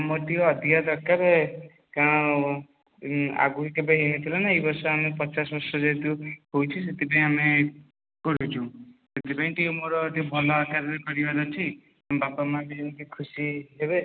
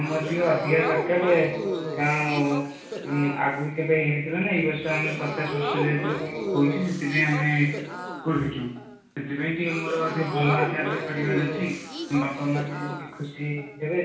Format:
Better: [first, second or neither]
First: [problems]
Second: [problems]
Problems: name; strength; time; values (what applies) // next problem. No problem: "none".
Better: first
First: none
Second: background sound (Crowd / Gasp); 7 dB below the speech // room echo; dies away in 0.6 s